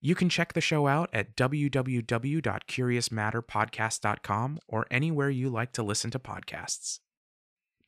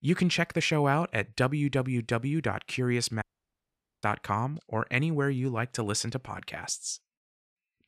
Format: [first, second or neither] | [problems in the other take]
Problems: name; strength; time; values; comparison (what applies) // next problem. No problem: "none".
first | audio cutting out; at 3 s for 1 s